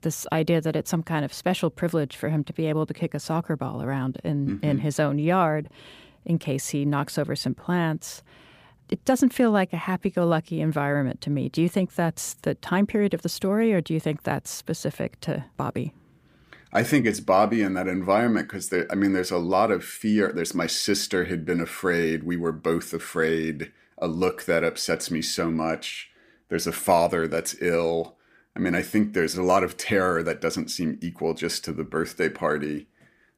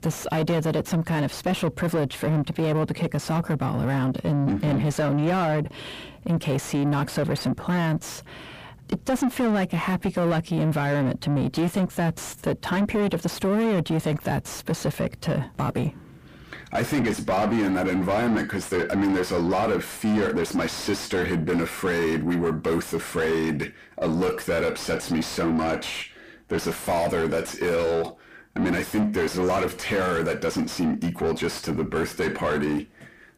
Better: first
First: none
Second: distortion; heavy; 6 dB below the speech

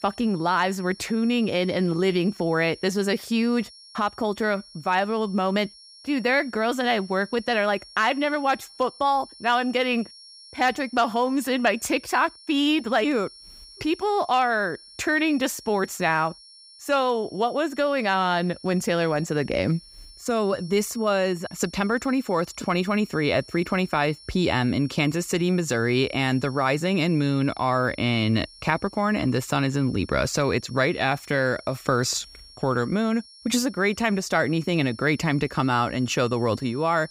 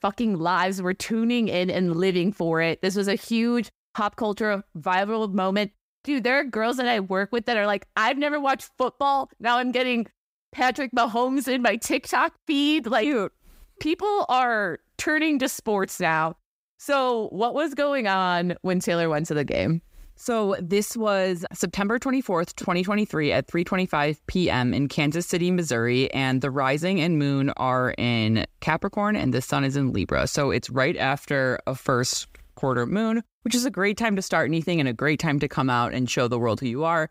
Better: second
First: high-pitched whine; faint; throughout; 5.5 kHz, 20 dB below the speech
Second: none

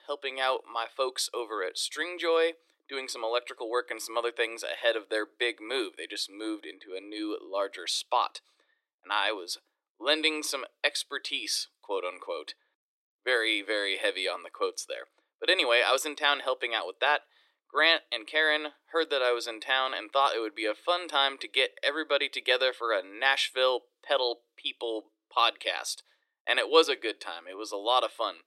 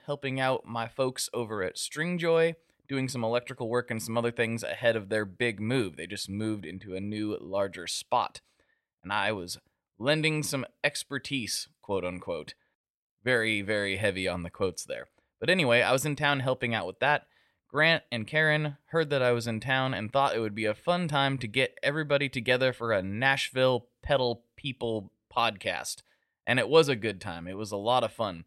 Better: second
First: thin; very; fading below 300 Hz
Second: none

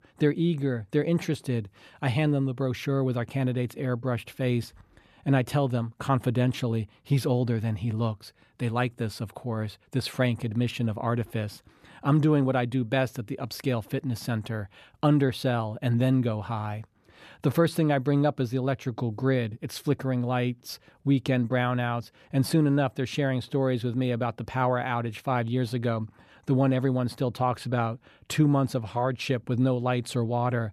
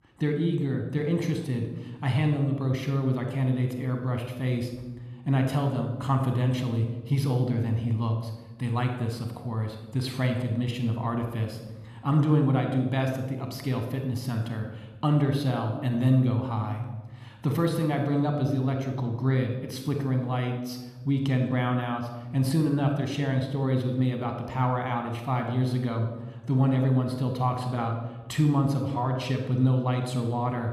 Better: first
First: none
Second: room echo; slight; dies away in 0.9 s

